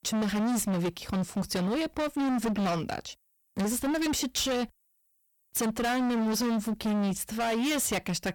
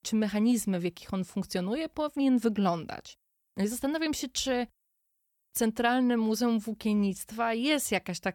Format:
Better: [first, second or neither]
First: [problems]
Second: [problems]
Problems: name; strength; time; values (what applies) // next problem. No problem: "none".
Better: second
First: distortion; heavy; 32% of the sound clipped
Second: none